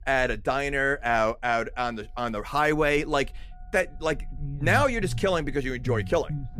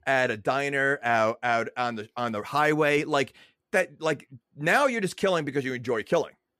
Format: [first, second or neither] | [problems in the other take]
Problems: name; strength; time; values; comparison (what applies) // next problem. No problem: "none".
second | low rumble; faint; throughout; 20 dB below the speech